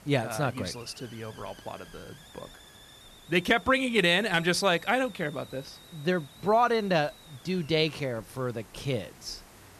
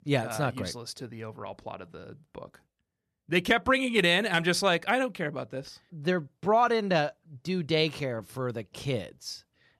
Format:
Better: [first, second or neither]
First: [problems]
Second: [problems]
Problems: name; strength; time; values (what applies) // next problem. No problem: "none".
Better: second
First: hiss; faint; throughout; 20 dB below the speech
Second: none